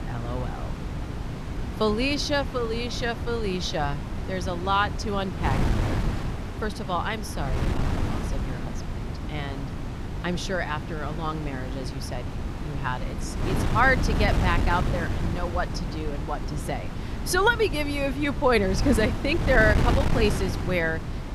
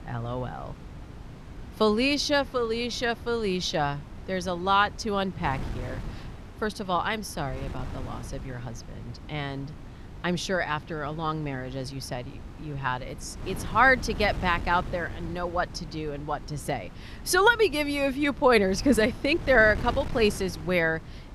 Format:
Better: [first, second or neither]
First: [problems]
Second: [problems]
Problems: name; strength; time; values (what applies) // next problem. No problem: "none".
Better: second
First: wind noise on the microphone; heavy; 9 dB below the speech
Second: wind noise on the microphone; occasional gusts; 20 dB below the speech